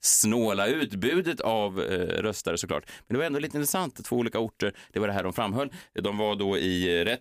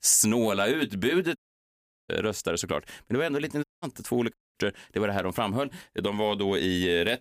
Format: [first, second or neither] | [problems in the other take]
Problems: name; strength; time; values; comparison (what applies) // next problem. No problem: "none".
first | audio cutting out; at 1.5 s for 0.5 s, at 3.5 s and at 4.5 s